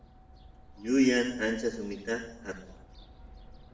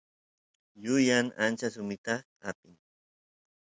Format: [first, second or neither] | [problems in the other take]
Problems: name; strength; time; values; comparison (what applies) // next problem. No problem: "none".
second | background sound (Fowl); 19 dB below the speech // room echo; dies away in 0.8 s